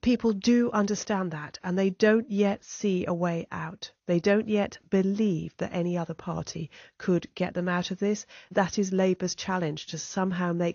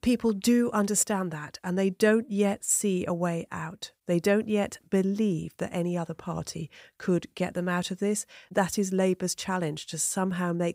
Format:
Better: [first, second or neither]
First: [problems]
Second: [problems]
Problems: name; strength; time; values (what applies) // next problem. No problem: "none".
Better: second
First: garbled, watery; slightly; nothing above 6.5 kHz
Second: none